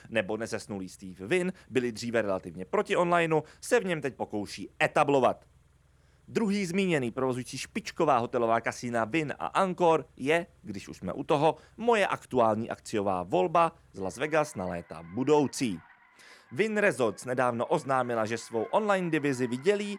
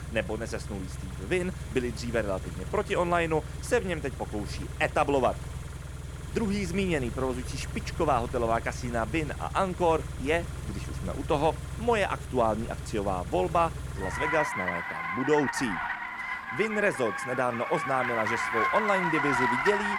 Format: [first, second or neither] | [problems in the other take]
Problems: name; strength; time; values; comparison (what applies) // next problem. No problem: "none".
first | traffic noise; loud; throughout; 4 dB below the speech; faint in the first